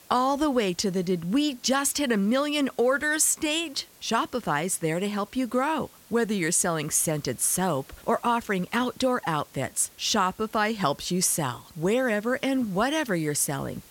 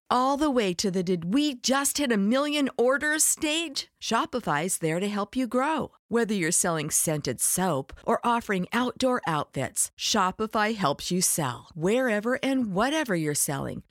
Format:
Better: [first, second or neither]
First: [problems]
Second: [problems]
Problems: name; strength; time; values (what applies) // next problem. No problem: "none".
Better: second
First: hiss; faint; throughout; 25 dB below the speech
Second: none